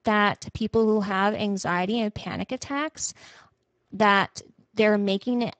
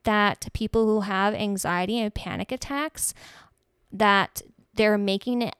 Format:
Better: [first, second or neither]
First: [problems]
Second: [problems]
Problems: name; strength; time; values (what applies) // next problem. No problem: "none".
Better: second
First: garbled, watery; badly; nothing above 7.5 kHz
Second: none